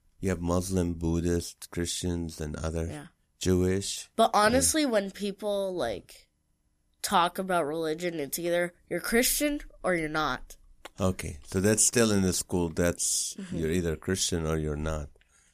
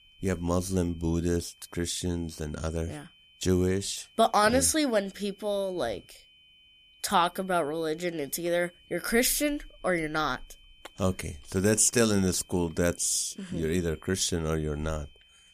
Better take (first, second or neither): first